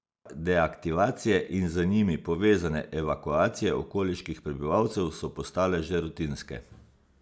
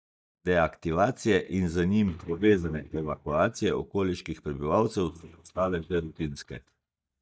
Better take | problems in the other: first | noise reduction (neural mask model DeepFilterNet 3)

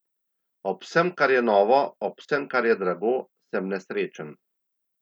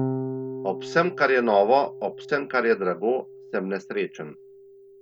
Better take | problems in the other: first | background sound (Electric guitar / Bass guitar); 10 dB below the speech

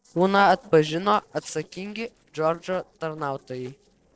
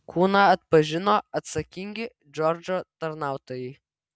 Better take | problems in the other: second | noise reduction (neural separator model SepFormer DNS4)

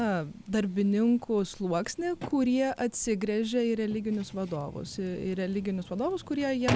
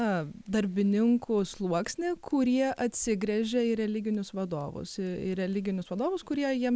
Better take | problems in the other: second | background sound (Drawer open or close); 13 dB below the speech

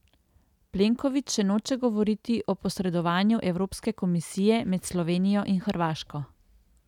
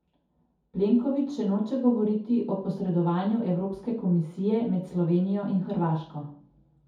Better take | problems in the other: first | room echo; dies away in 0.6 s

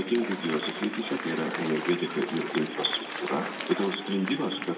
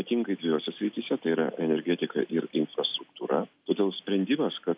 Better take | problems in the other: second | background sound (Applause); 7 dB below the speech // room echo; dies away in 1.7 s

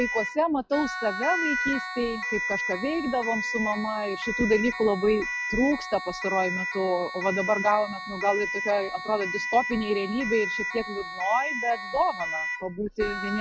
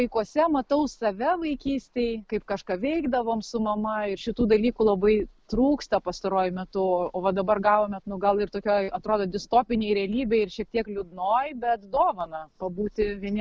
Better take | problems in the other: second | noise reduction (classical method log-MMSE)

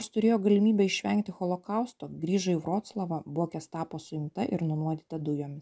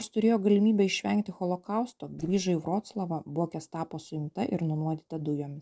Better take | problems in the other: first | noise reduction (neural separator model SepFormer DNS4)

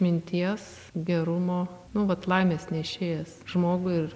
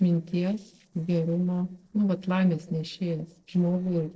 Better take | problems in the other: first | noise reduction (neural separator model SepFormer DNS4)

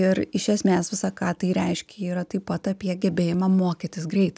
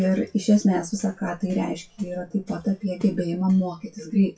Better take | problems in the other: first | noise reduction (classical method WPE with log-MMSE)

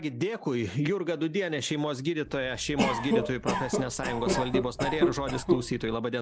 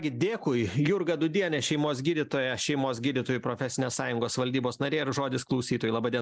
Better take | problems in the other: second | background sound (Cough); as loud as the speech

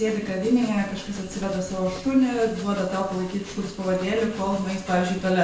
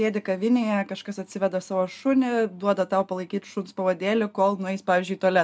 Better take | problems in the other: second | background sound (Train); 15 dB below the speech // room echo; dies away in 0.5 s

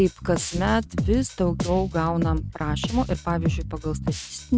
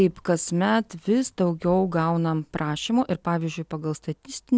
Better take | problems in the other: second | noise reduction (neural mask model RNNoise)

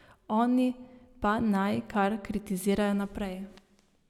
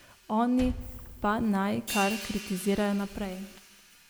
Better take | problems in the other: first | background sound (Liquid + Hi-hat); 11 dB below the speech

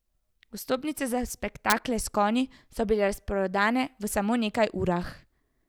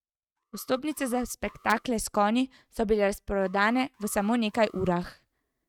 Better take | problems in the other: first | noise reduction (neural mask model RNNoise)

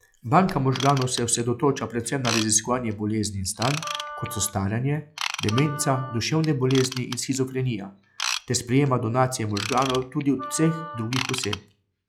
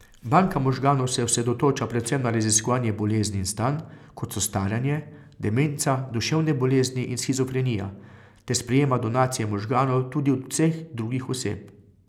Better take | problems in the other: second | noise reduction (classical method log-MMSE)

